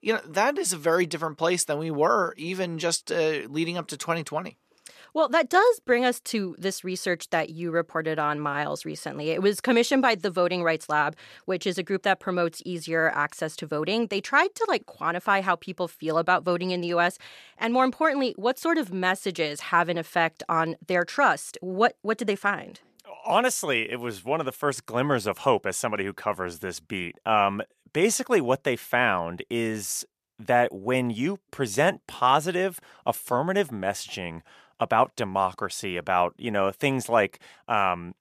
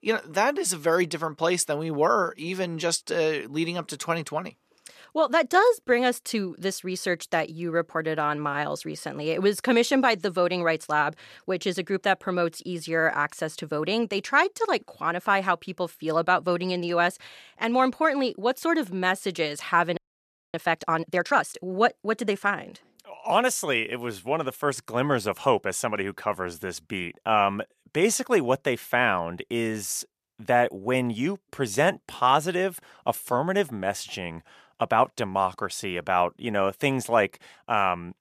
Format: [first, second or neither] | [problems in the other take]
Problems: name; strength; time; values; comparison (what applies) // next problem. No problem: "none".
first | audio freezing; at 20 s for 0.5 s